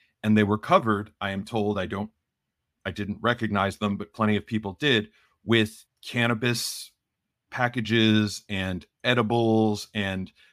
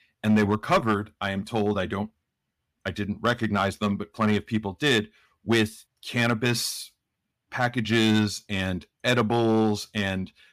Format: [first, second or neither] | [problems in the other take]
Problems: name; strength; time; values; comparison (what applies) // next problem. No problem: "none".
first | distortion; slight; 3% of the sound clipped